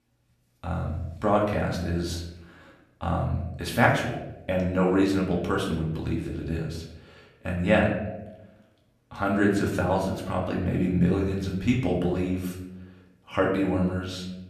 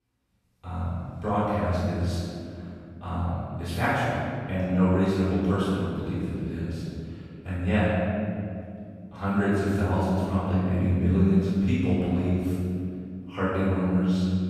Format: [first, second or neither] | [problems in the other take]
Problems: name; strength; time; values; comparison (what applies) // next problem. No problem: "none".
first | room echo; strong; dies away in 2.5 s; slight in the first // off-mic speech; far; far in the first